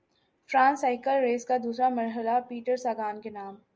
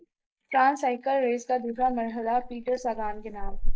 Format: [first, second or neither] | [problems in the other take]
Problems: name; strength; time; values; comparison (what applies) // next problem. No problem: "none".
first | noise reduction (neural mask model Resemble Enhance denoiser)